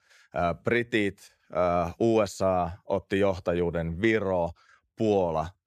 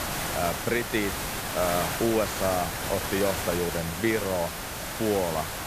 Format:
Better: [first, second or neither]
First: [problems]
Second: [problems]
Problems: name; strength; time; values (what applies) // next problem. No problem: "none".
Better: first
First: none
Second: hiss; loud; throughout; 2 dB below the speech